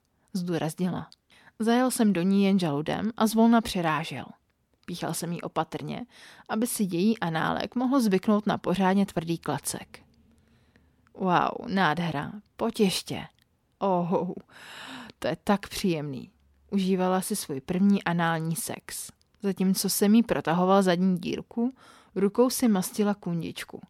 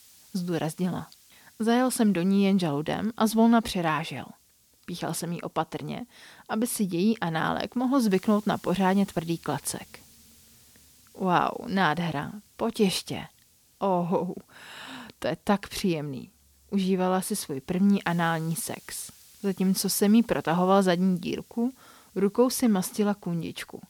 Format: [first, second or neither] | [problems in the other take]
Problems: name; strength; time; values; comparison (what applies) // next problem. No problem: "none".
first | hiss; faint; throughout; 30 dB below the speech